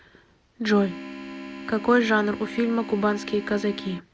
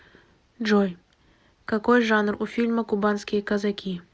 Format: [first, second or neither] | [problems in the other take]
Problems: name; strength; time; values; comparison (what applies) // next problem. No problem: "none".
second | background sound (Organ); 12 dB below the speech